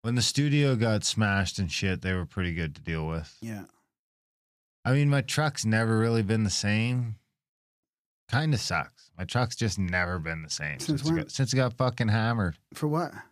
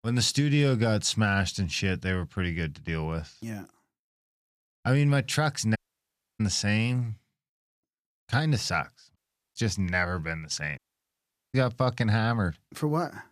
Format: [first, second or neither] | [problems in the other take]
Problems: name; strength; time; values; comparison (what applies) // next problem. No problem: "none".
first | audio cutting out; at 6 s for 0.5 s, at 9 s and at 11 s for 1 s